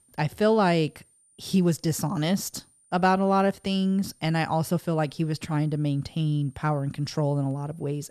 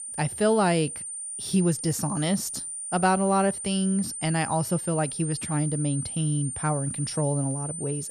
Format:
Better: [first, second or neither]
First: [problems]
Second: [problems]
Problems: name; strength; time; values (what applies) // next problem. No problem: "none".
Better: first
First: high-pitched whine; faint; throughout; 9 kHz, 35 dB below the speech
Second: high-pitched whine; loud; throughout; 9 kHz, 6 dB below the speech